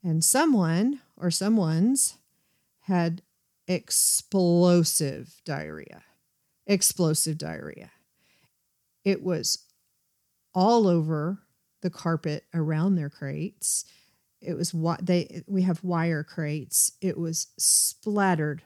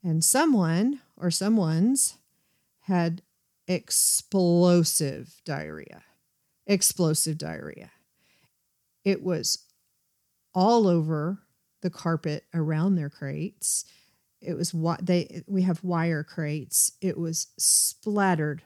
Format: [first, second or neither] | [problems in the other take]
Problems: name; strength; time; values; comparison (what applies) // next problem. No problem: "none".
neither | none